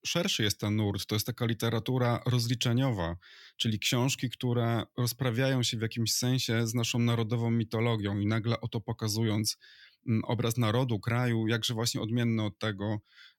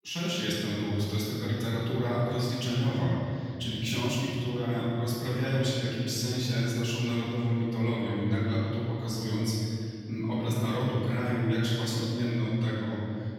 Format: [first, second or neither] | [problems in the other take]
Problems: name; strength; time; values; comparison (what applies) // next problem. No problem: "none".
first | off-mic speech; far // room echo; strong; dies away in 2.6 s